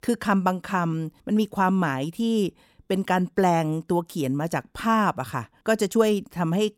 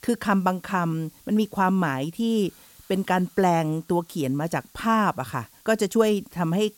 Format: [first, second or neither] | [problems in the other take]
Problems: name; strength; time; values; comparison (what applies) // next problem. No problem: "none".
first | hiss; faint; throughout; 25 dB below the speech